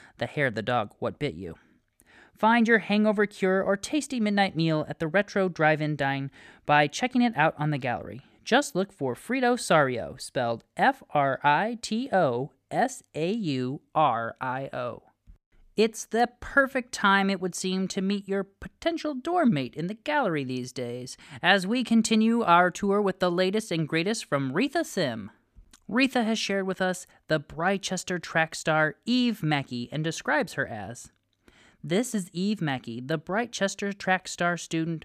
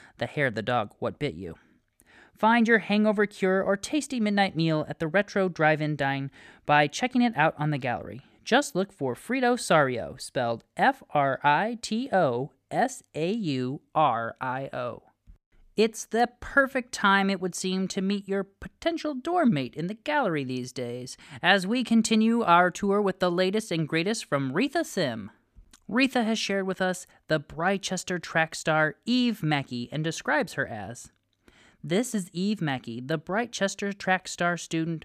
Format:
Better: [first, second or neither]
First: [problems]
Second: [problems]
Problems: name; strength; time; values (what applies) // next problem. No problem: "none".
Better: neither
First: none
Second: none